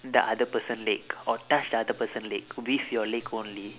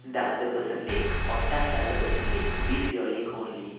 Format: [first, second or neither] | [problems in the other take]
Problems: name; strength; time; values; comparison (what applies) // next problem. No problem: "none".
first | background sound (Engine); 4 dB above the speech // room echo; dies away in 1.3 s